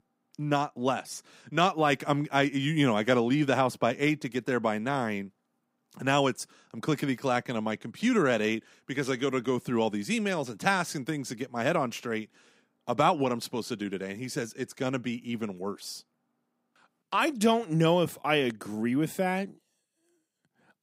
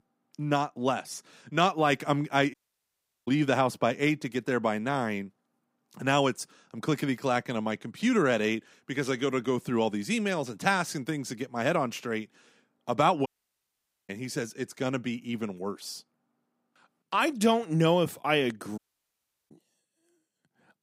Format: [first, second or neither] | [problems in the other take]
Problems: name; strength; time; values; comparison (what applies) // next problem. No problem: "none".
first | audio cutting out; at 2.5 s for 0.5 s, at 13 s for 1 s and at 19 s for 0.5 s